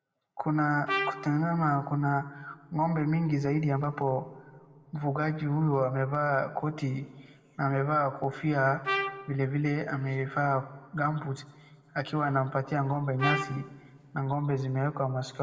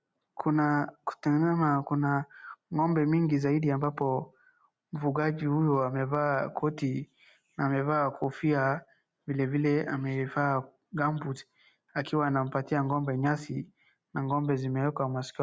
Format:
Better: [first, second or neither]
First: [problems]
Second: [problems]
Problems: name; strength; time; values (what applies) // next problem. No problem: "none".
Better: second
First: background sound (Trumpet); 6 dB below the speech // room echo; dies away in 1.2 s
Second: none